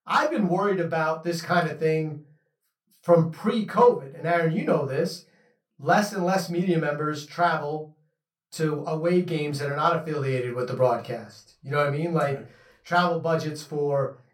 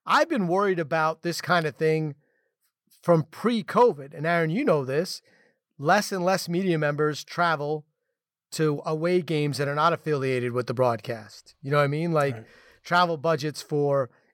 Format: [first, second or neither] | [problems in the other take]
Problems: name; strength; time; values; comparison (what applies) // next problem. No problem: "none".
second | off-mic speech; somewhat distant // room echo; very slight; dies away in 0.2 s